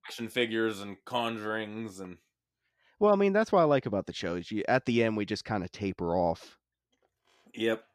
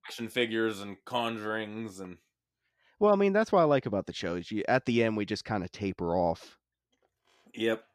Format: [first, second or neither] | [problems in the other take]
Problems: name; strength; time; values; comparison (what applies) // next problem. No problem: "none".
neither | none